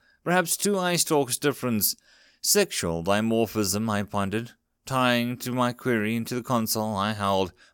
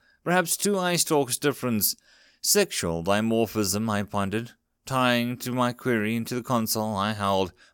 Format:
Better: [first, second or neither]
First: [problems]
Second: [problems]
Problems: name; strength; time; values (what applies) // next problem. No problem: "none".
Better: neither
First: none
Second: none